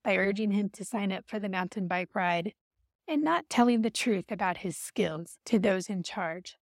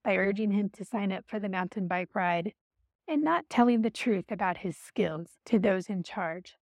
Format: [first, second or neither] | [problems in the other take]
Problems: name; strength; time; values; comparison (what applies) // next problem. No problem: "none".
first | muffled; slightly; fading above 3.5 kHz